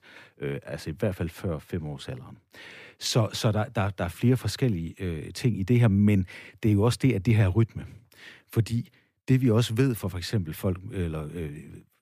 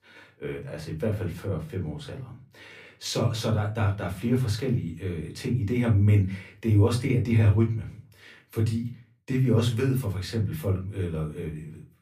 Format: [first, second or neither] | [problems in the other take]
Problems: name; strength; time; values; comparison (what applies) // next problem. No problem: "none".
first | off-mic speech; far // room echo; very slight; dies away in 0.3 s